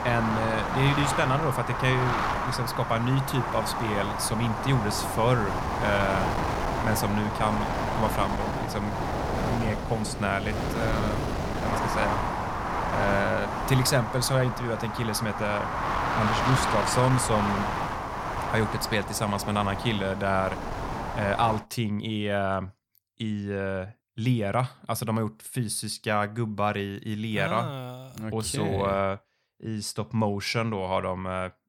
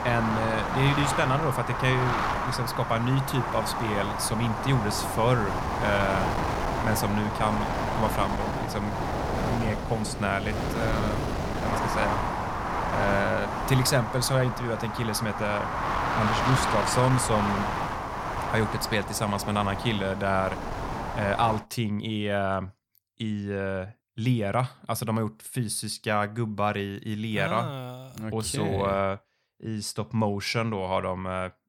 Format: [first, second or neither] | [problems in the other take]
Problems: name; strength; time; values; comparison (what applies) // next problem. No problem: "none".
neither | wind noise on the microphone; heavy; until 22 s; as loud as the speech; the same in both